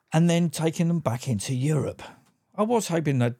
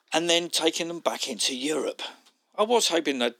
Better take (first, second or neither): first